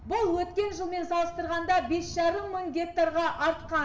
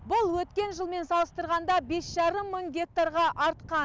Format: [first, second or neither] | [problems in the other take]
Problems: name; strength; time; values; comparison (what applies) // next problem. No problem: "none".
second | room echo; dies away in 0.9 s